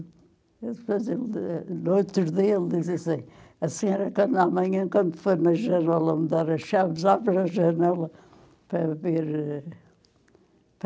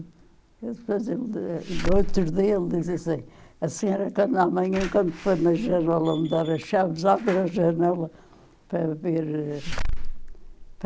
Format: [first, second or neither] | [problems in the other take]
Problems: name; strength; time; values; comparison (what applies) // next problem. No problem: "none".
first | background sound (Slam / Alarm); 6 dB below the speech